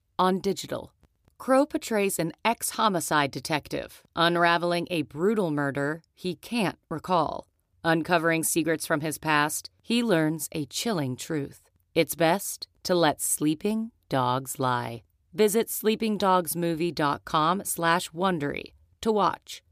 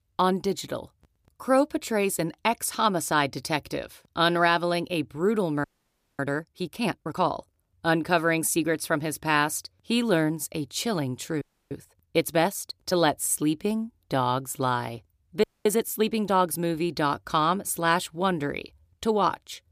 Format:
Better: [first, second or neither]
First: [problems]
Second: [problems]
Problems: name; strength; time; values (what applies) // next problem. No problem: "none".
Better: first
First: none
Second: audio freezing; at 5.5 s for 0.5 s, at 11 s and at 15 s